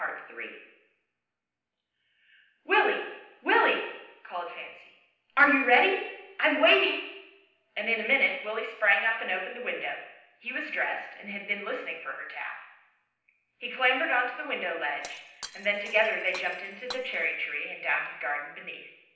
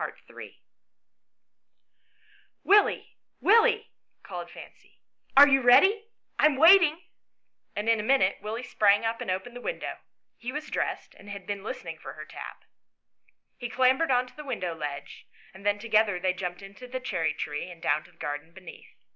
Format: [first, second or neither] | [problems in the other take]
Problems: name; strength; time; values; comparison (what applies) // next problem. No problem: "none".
second | background sound (Shatter); 17 dB below the speech // room echo; dies away in 0.9 s